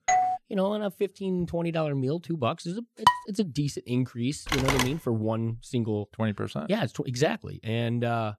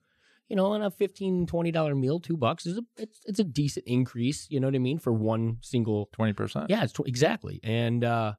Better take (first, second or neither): second